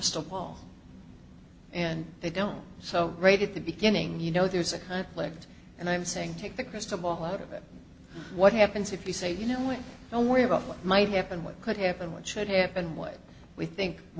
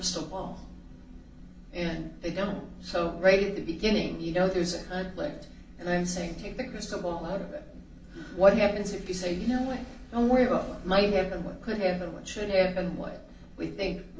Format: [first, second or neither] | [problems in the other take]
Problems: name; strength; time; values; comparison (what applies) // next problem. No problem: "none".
first | room echo; dies away in 0.4 s